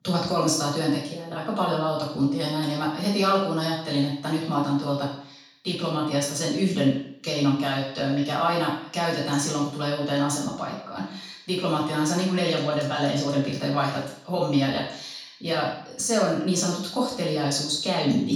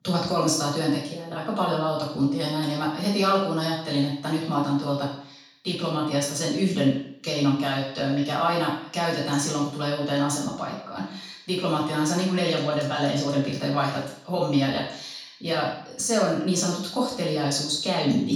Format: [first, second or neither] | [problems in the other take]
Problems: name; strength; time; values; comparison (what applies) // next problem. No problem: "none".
neither | room echo; noticeable; dies away in 0.7 s; the same in both // off-mic speech; far; the same in both